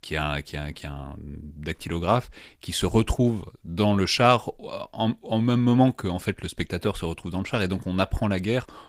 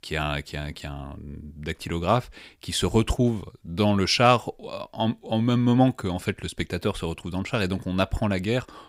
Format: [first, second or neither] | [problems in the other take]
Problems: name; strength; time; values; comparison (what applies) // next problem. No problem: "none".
second | garbled, watery; slightly; nothing above 15.5 kHz